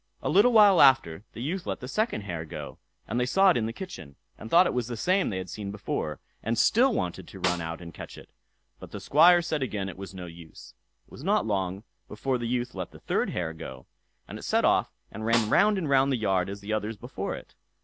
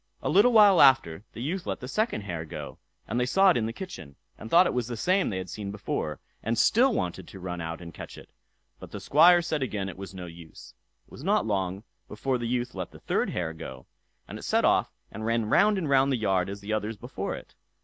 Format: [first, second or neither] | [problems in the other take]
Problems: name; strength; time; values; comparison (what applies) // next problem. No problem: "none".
second | background sound (Snare drum); 9 dB below the speech